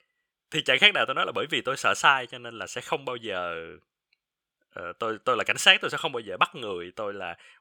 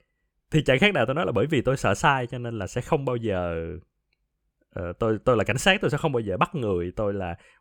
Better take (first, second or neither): second